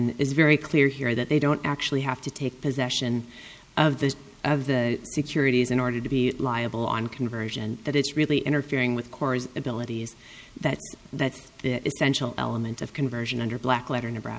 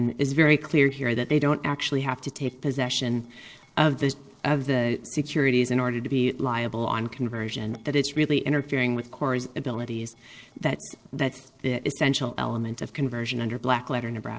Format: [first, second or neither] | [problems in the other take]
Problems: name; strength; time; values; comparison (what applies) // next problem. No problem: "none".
first | noise reduction (neural separator model SepFormer DNS4)